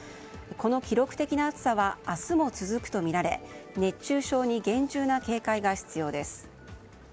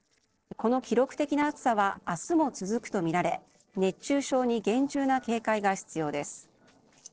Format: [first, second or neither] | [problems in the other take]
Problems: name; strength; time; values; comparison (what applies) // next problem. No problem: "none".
first | noise reduction (neural separator model SepFormer DNS4)